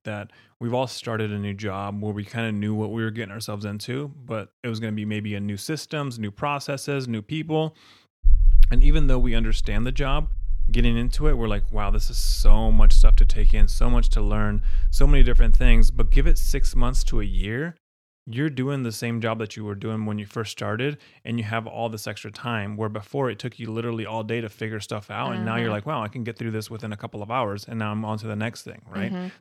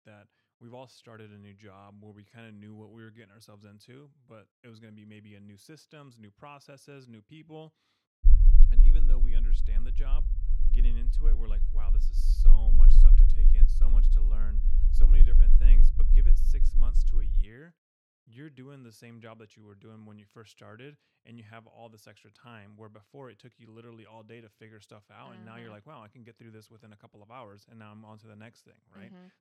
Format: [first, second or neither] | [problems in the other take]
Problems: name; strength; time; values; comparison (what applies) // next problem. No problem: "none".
first | low rumble; loud; from 8.5 to 17 s; 1 dB below the speech; faint in the first